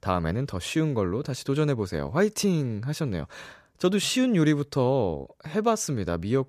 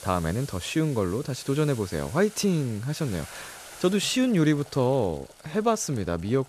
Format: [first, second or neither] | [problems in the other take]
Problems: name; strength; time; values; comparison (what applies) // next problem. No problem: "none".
first | household noises; noticeable; throughout; 20 dB below the speech